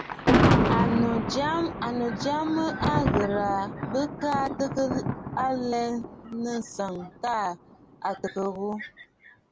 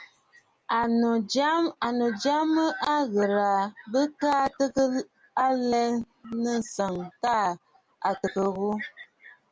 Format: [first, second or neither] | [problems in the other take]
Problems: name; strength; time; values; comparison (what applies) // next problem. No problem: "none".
second | background sound (Thunder); 1 dB above the speech